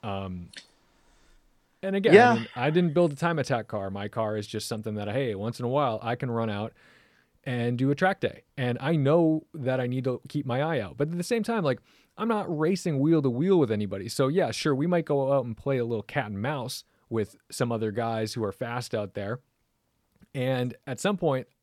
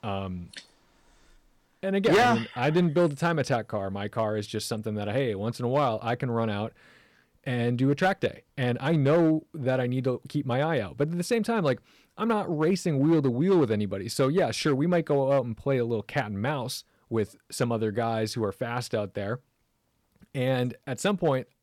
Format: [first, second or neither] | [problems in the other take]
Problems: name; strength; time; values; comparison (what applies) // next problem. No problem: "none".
first | distortion; slight; 3% of the sound clipped